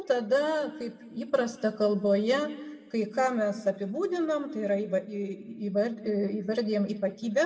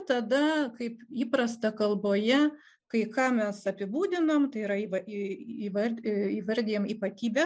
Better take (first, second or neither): second